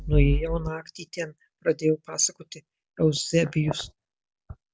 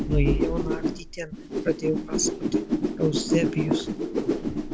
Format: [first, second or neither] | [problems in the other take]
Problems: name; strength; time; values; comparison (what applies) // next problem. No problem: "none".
first | background sound (Whoosh, swoosh, swish); 2 dB above the speech